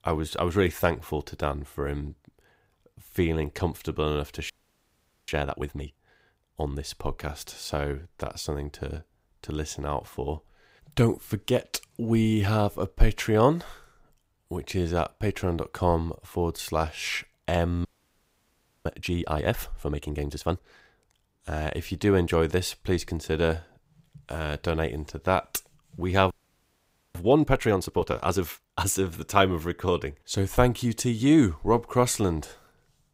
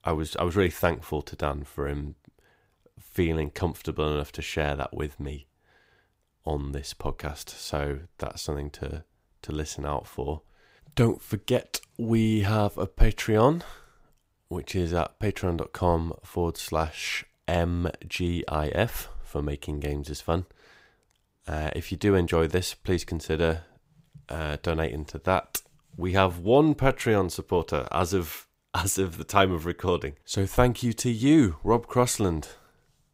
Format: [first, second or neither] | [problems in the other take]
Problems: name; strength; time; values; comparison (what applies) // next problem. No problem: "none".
second | audio freezing; at 4.5 s for 1 s, at 18 s for 1 s and at 26 s for 1 s